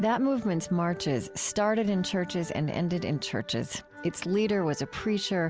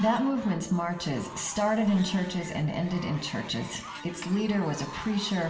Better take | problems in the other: first | background sound (Fowl); 16 dB below the speech // room echo; dies away in 0.9 s

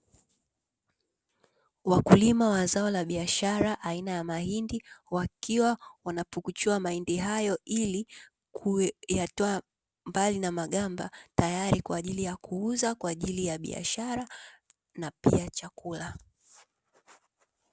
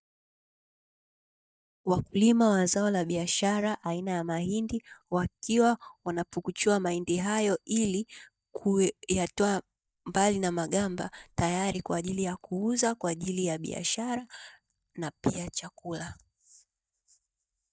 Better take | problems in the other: first | noise reduction (neural mask model DeepFilterNet 3)

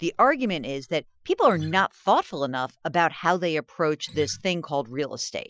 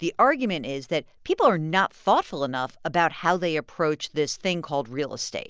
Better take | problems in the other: second | noise reduction (classical method Wiener filter)

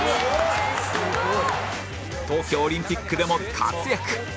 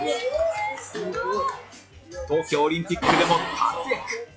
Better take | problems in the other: first | noise reduction (classical method log-MMSE)

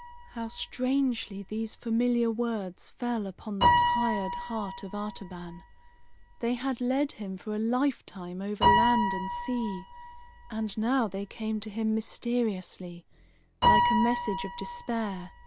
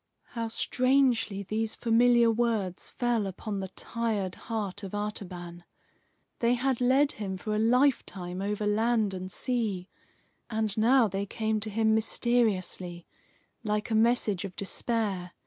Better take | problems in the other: second | background sound (Piano); 1 dB below the speech

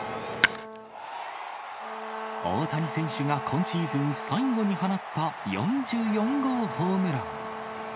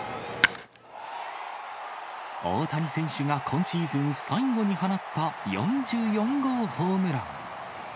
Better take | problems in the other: second | background sound (Brass instrument); 11 dB below the speech

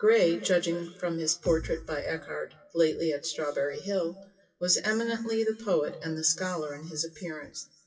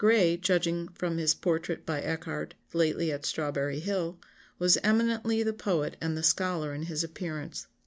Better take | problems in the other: second | noise reduction (classical method WPE with log-MMSE)

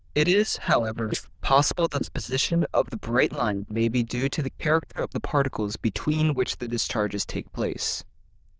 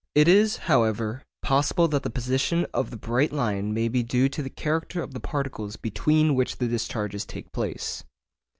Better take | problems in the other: second | noise reduction (neural diffusion model UNIVERSE++)

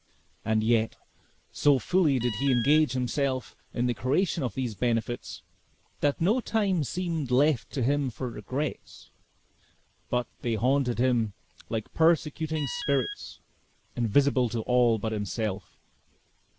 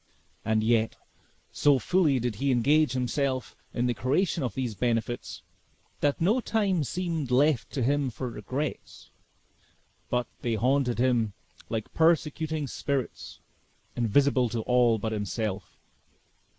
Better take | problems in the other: second | background sound (Alarm); 10 dB below the speech

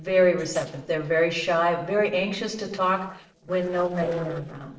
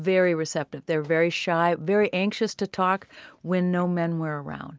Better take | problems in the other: second | noise reduction (neural separator model SepFormer DNS4)

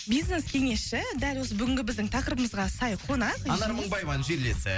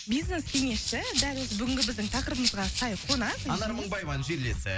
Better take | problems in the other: first | background sound (Rattle (instrument)); 3 dB below the speech

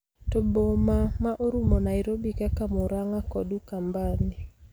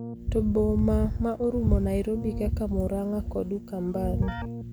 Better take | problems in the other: first | background sound (Keyboard (musical)); 13 dB below the speech

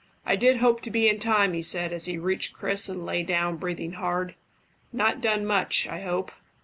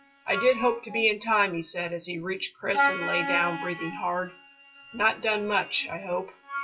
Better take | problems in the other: first | noise reduction (classical method WPE with log-MMSE)

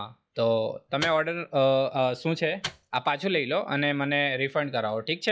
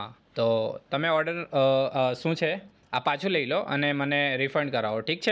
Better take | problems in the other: second | noise reduction (classical method log-MMSE)

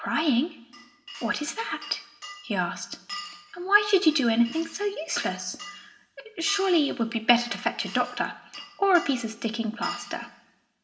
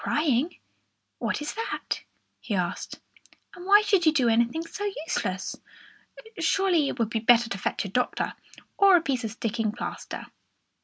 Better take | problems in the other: second | background sound (Glass); 17 dB below the speech // room echo; dies away in 0.8 s

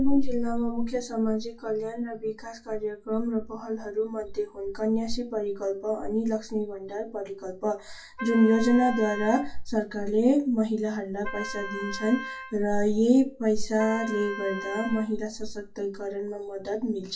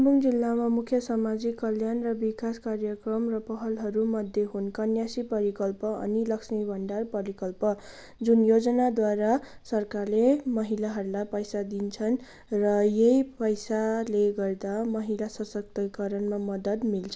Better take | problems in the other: second | noise reduction (classical method WPE with log-MMSE)

